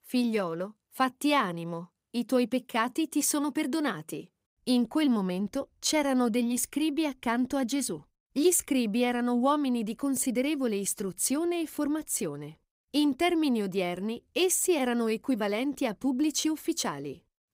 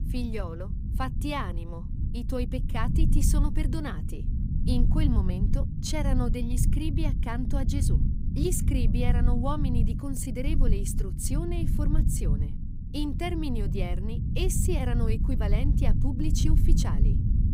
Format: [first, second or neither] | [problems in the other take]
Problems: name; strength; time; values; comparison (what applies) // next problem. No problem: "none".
first | low rumble; loud; throughout; 6 dB below the speech